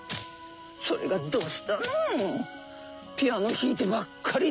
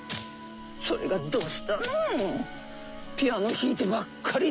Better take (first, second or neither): first